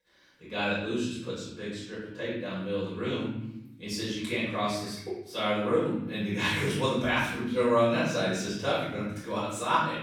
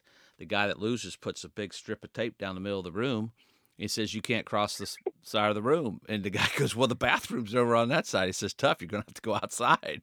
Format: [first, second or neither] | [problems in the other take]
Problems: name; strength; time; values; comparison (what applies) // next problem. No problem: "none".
second | off-mic speech; far // room echo; noticeable; dies away in 0.9 s